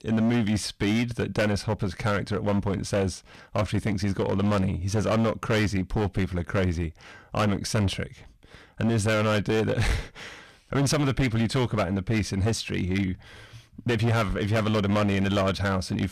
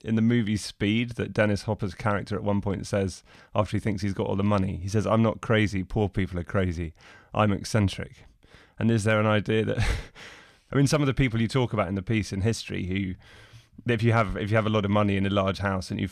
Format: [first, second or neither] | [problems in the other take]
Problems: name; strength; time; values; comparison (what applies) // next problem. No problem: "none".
second | distortion; heavy; 14% of the sound clipped